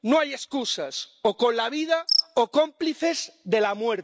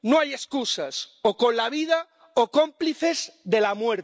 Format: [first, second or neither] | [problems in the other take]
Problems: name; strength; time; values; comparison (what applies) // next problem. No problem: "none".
second | background sound (Cricket); 7 dB below the speech